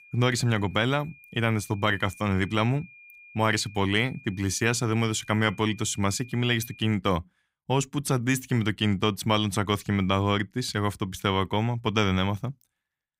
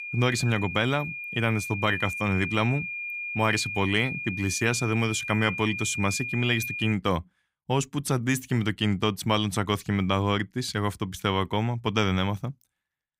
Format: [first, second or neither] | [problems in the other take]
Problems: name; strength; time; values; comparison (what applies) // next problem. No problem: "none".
first | high-pitched whine; loud; until 7 s; 2.5 kHz, 5 dB below the speech; faint in the first